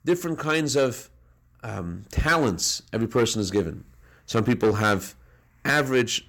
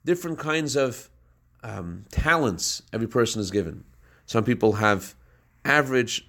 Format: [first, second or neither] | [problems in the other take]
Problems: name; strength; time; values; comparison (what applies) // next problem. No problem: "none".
second | distortion; slight; 4% of the sound clipped